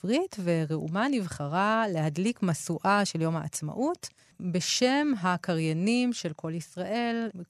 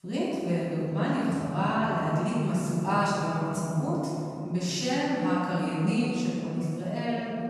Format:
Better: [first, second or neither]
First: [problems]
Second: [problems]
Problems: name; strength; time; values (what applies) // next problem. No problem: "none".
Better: first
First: none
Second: room echo; strong; dies away in 3 s // off-mic speech; far